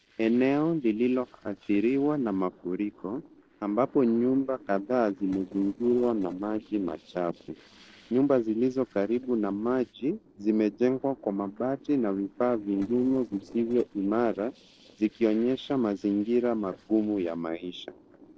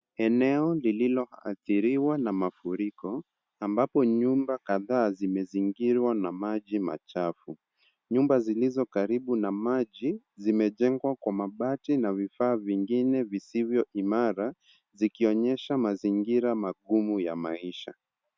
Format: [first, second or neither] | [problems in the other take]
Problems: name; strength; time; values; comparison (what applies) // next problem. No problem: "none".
second | noise reduction (neural separator model SepFormer DNS4)